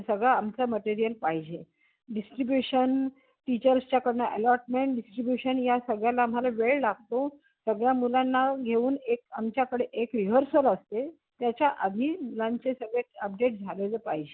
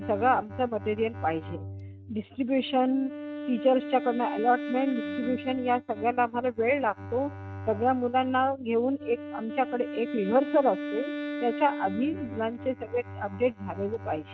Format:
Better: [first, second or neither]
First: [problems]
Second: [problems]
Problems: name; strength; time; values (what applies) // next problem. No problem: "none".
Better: first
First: none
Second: noise reduction (neural mask model RNNoise)